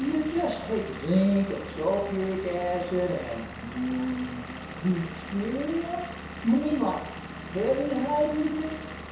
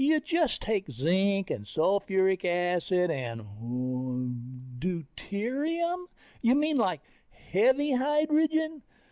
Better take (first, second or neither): second